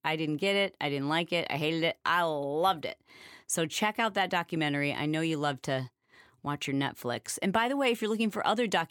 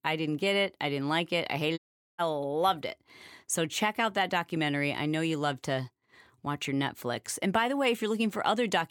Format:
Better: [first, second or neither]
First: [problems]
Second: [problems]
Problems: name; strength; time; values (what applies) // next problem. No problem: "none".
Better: first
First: none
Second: audio cutting out; at 2 s